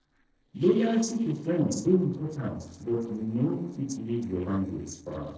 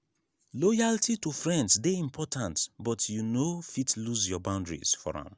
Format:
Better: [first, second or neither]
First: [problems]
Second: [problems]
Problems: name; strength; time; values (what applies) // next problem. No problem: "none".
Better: second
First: noise reduction (neural separator model SepFormer DNS4)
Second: none